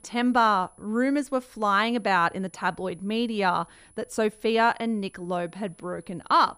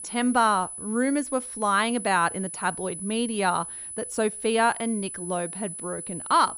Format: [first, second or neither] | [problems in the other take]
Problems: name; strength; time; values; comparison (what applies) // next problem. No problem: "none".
first | high-pitched whine; loud; throughout; 10 kHz, 8 dB below the speech; faint in the first